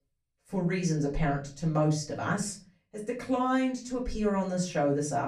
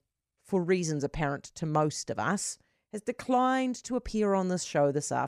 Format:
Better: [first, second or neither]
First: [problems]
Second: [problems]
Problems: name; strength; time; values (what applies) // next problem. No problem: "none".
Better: second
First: off-mic speech; far // room echo; very slight; dies away in 0.3 s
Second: none